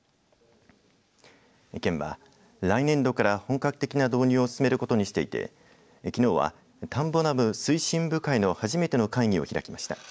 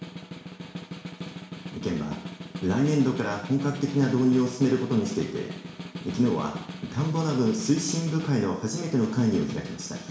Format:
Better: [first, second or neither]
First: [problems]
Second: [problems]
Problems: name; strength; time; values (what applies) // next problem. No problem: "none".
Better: first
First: none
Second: background sound (Snare drum); 11 dB below the speech // room echo; dies away in 0.7 s